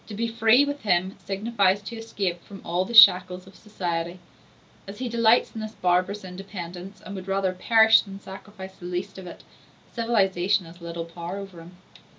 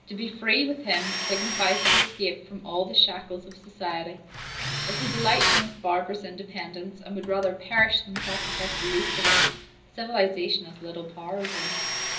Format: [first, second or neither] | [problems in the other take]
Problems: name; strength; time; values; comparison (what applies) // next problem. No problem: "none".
first | background sound (Tools); 1 dB below the speech // room echo; dies away in 0.5 s